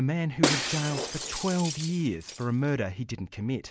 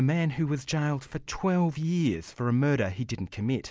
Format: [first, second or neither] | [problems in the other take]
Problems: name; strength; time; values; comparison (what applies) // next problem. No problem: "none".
second | background sound (Shatter); 3 dB below the speech